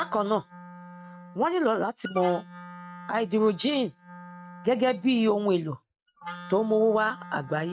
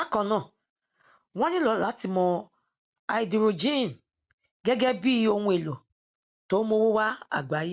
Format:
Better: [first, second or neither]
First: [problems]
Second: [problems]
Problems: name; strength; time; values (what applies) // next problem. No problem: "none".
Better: second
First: noise reduction (neural mask model RNNoise)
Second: none